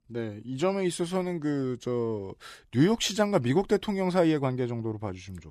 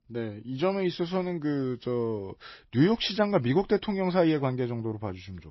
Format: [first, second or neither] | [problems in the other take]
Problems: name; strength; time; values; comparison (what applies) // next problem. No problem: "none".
first | garbled, watery; slightly; nothing above 5.5 kHz